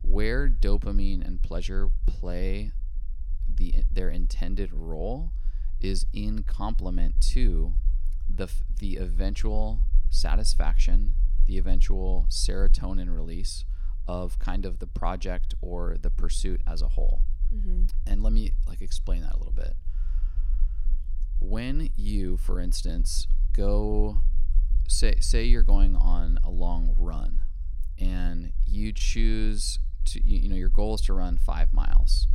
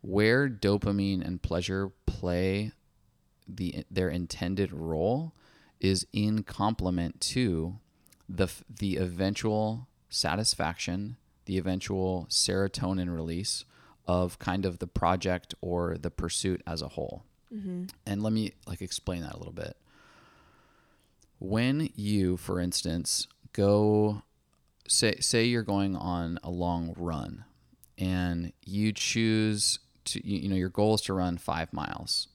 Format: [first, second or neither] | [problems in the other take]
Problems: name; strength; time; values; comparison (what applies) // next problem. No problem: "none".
second | low rumble; noticeable; throughout; 20 dB below the speech